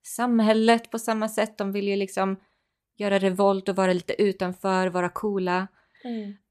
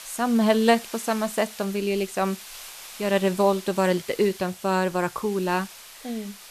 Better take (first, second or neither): first